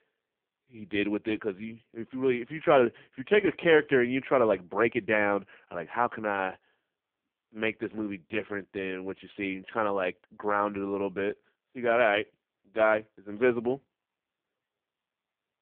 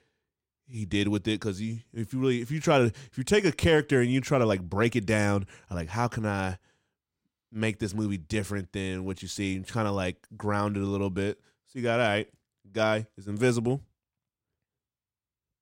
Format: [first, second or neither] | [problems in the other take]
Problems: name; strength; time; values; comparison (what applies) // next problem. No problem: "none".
second | phone-call audio; poor line